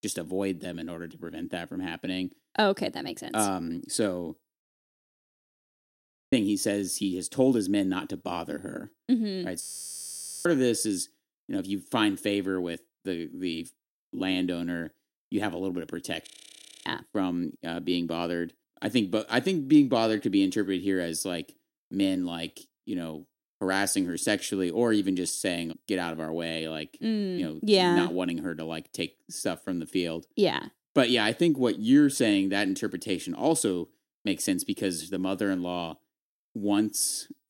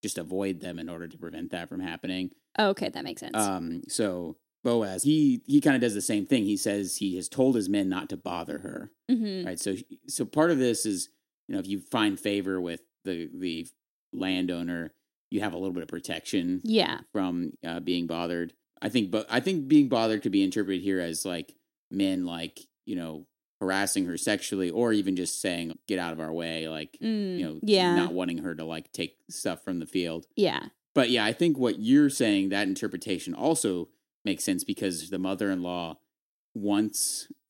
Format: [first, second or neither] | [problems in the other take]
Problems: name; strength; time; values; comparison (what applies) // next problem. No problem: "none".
second | audio freezing; at 4.5 s for 1.5 s, at 9.5 s for 1 s and at 16 s for 0.5 s